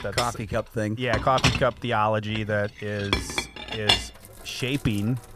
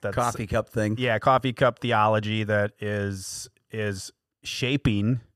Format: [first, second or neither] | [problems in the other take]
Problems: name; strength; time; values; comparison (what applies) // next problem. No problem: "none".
second | household noises; very loud; throughout; 1 dB above the speech